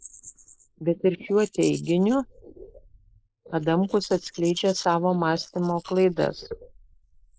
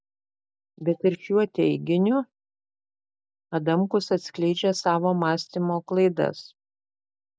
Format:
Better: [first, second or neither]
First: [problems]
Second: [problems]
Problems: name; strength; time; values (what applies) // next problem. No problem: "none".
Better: second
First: noise reduction (neural mask model Resemble Enhance denoiser)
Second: none